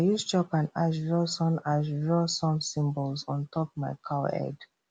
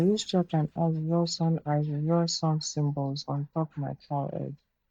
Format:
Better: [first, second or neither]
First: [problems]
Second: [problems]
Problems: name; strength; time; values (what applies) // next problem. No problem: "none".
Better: first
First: none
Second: noise reduction (neural mask model DeepFilterNet 3)